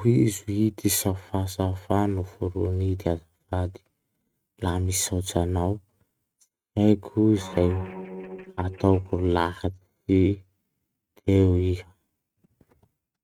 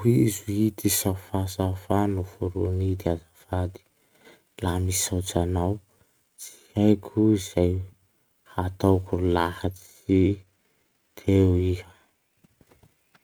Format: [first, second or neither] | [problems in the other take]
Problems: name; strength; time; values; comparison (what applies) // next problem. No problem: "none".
second | noise reduction (neural mask model RNNoise)